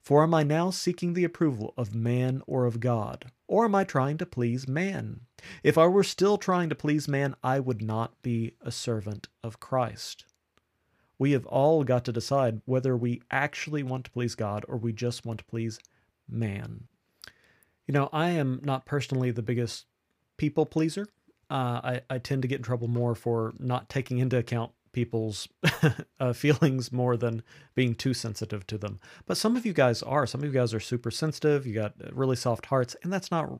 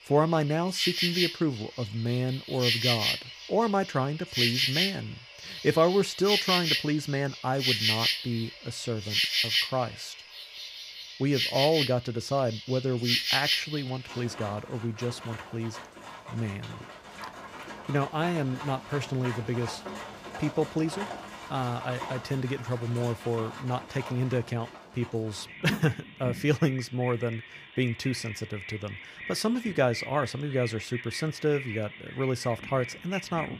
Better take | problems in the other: first | animal sounds; loud; throughout; 1 dB below the speech

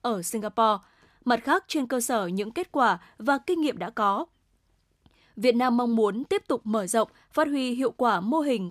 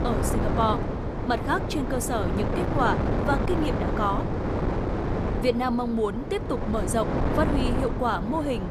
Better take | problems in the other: first | wind noise on the microphone; heavy; 4 dB below the speech

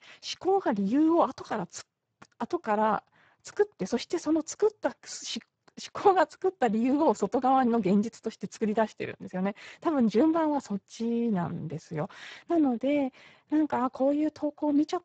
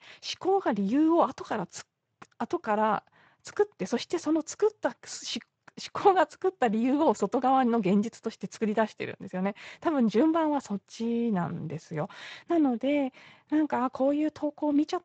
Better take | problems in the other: second | garbled, watery; badly; nothing above 7.5 kHz; slightly in the second

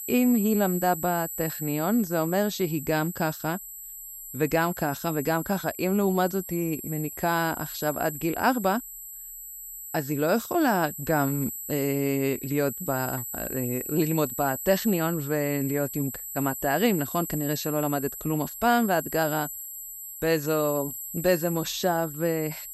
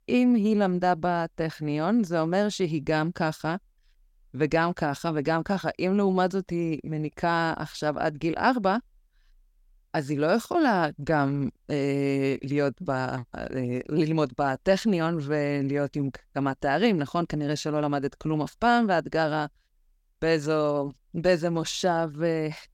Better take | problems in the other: second | high-pitched whine; loud; throughout; 12 kHz, 8 dB below the speech

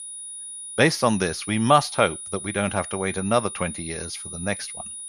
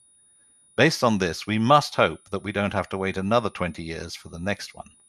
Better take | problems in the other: second | high-pitched whine; loud; throughout; 9.5 kHz, 10 dB below the speech; faint in the second

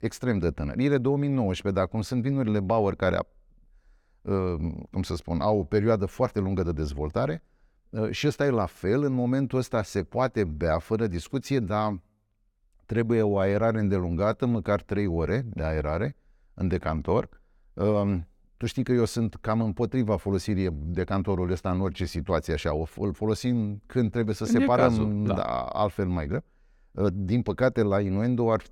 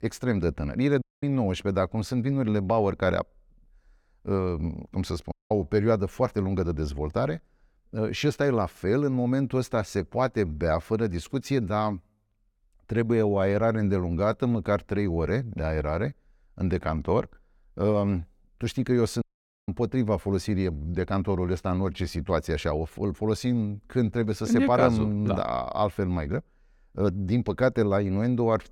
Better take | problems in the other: first | audio cutting out; at 1 s, at 5.5 s and at 19 s

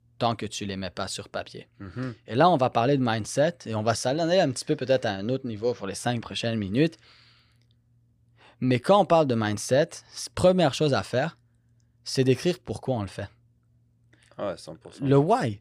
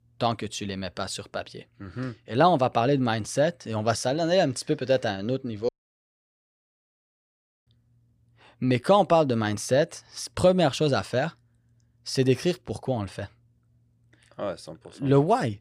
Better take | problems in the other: first | audio cutting out; at 5.5 s for 2 s

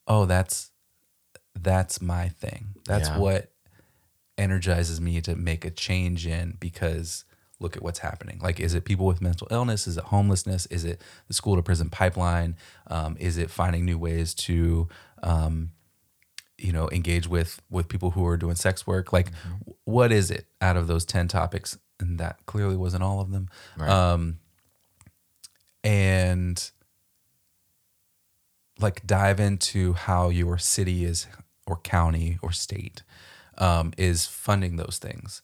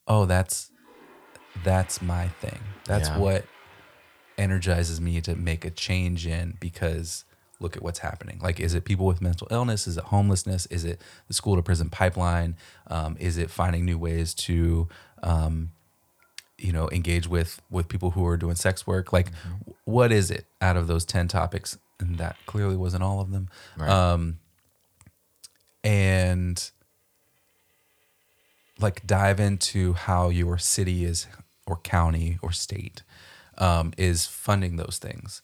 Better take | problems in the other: first | household noises; faint; throughout; 30 dB below the speech

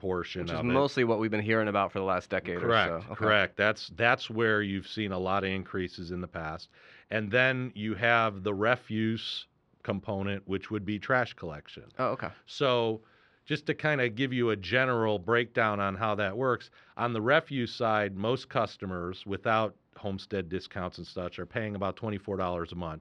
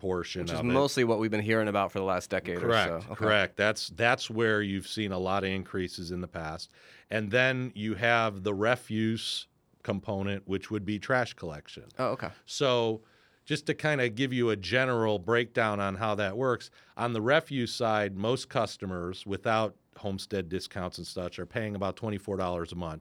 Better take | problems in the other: second | muffled; very slightly; fading above 3 kHz

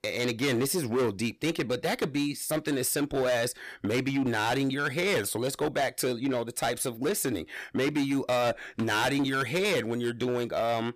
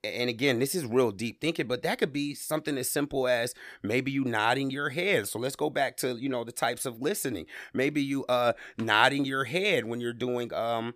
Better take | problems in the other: second | distortion; heavy; 14% of the sound clipped

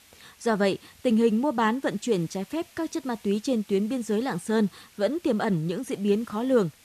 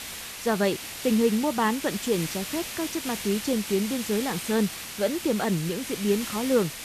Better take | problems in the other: first | hiss; loud; throughout; 7 dB below the speech; faint in the first

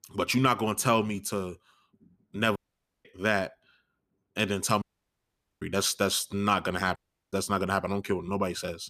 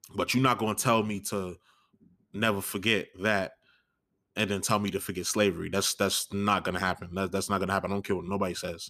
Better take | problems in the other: second | audio cutting out; at 2.5 s, at 5 s for 1 s and at 7 s

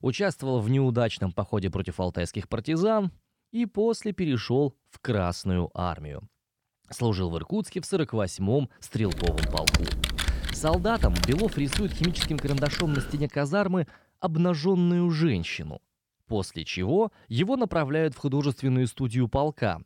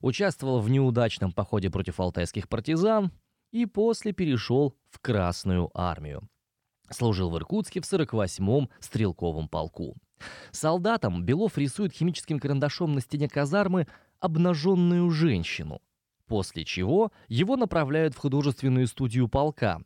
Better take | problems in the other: second | keyboard typing; loud; from 9 to 13 s; peak 3 dB above the speech

